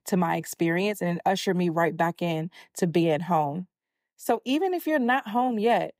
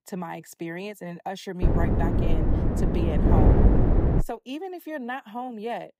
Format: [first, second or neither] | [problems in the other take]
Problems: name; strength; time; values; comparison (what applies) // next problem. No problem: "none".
first | wind noise on the microphone; heavy; from 1.5 to 4 s; 4 dB above the speech